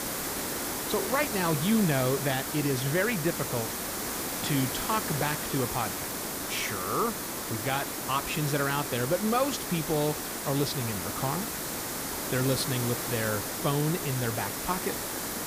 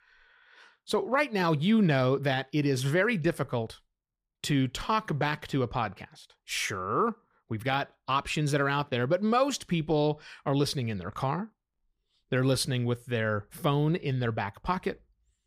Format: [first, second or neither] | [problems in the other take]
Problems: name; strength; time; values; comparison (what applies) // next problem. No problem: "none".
second | hiss; loud; throughout; 2 dB below the speech